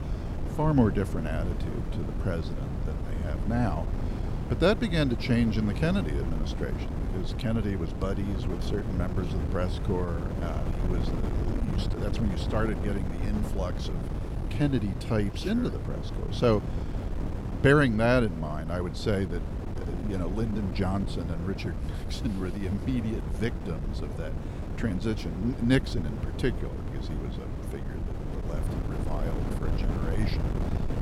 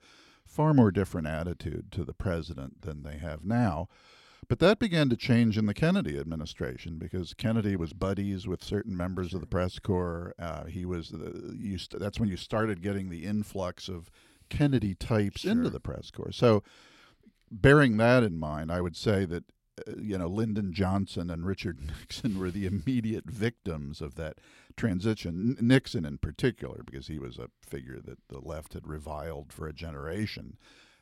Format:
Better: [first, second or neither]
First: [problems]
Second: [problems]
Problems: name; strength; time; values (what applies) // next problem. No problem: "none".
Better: second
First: wind noise on the microphone; heavy; 8 dB below the speech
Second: none